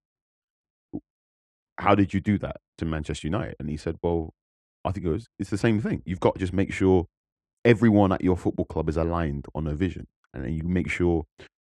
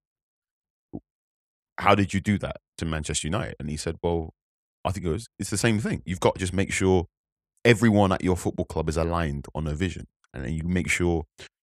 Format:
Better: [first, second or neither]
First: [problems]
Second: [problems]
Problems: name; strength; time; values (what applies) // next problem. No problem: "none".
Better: second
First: muffled; slightly; fading above 1.5 kHz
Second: none